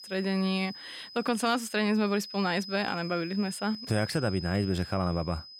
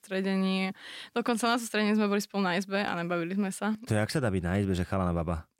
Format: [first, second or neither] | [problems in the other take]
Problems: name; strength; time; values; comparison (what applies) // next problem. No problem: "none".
second | high-pitched whine; noticeable; throughout; 5 kHz, 10 dB below the speech